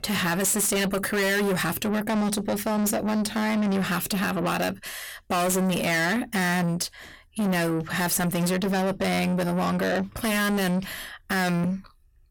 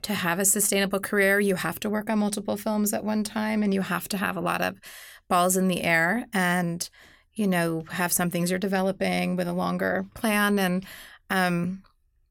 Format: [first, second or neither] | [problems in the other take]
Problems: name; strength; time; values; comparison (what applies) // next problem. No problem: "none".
second | distortion; heavy; 7 dB below the speech